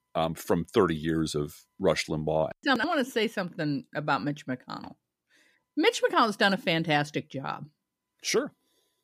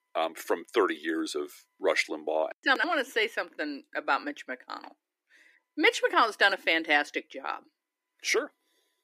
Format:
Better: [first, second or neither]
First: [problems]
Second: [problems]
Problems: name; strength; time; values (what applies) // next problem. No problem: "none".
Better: first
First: none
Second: thin; somewhat; fading below 300 Hz